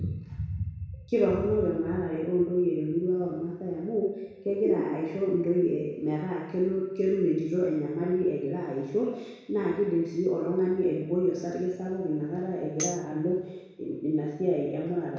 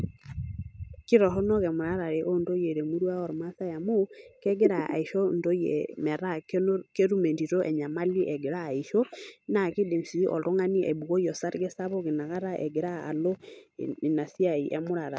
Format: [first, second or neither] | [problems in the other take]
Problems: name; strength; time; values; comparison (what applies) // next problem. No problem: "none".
second | background sound (Tambourine); 12 dB below the speech // room echo; dies away in 1.1 s